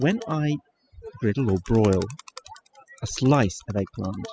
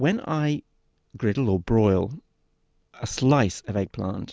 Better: second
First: noise reduction (classical method spectral subtraction)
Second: none

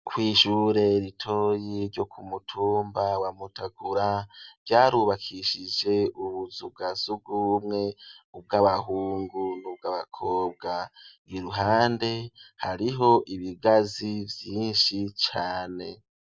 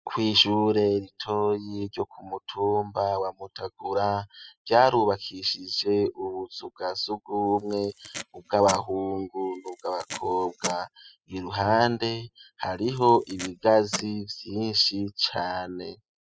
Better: first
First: none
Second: noise reduction (classical method spectral subtraction)

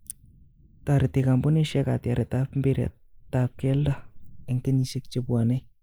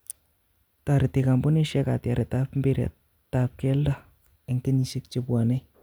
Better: second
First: noise reduction (neural mask model Resemble Enhance denoiser)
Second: none

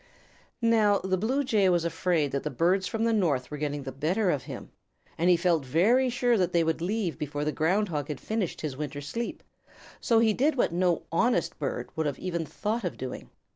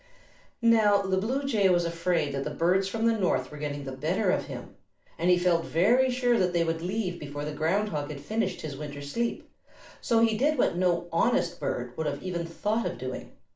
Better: first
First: none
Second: room echo; dies away in 0.3 s

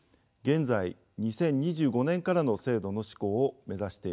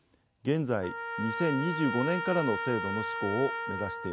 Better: first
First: none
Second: background sound (Trumpet); 4 dB below the speech

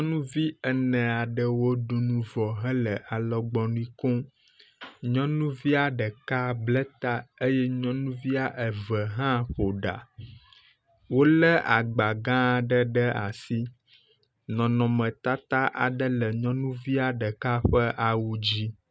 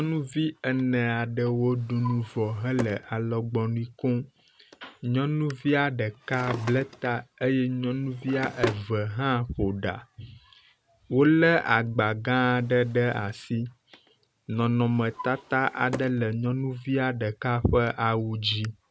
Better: first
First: none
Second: background sound (Drawer open or close); 16 dB below the speech

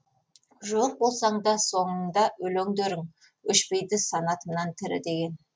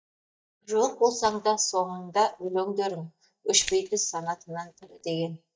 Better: first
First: none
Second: noise reduction (neural mask model DeepFilterNet 3)

